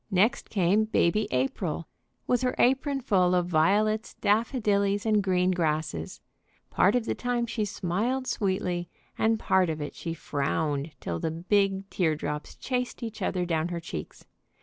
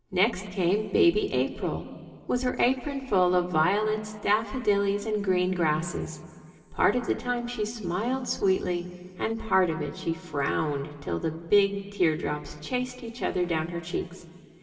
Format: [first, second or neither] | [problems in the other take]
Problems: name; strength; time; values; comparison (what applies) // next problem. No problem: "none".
first | room echo; dies away in 2.2 s